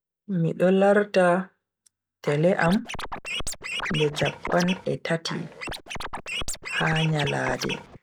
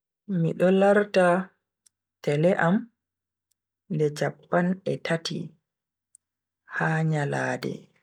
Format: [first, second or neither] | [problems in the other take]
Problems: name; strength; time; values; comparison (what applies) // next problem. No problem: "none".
second | background sound (Scratching (performance technique)); 7 dB below the speech